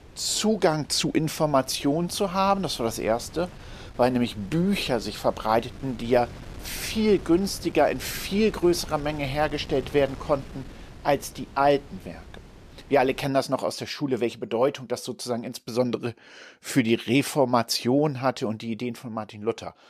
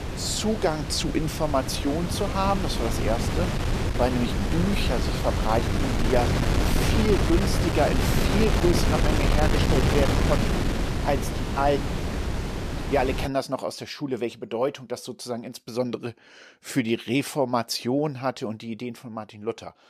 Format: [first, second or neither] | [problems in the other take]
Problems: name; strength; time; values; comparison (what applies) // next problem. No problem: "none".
first | wind noise on the microphone; heavy; until 13 s; 2 dB below the speech; occasional gusts in the first